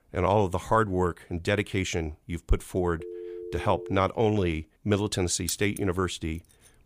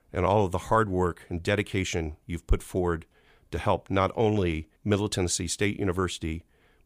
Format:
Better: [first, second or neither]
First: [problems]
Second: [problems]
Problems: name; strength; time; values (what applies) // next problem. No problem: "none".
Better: second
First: phone ringing; faint; from 3 to 4 s; peak 10 dB below the speech // jangling keys; noticeable; at 5.5 s; peak 10 dB below the speech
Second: none